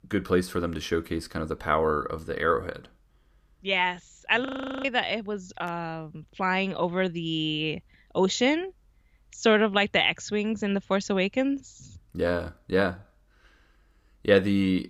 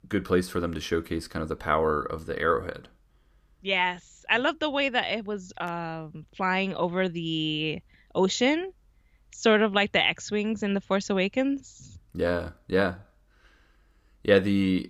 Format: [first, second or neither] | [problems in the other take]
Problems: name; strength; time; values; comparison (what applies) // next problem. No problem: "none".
second | audio freezing; at 4.5 s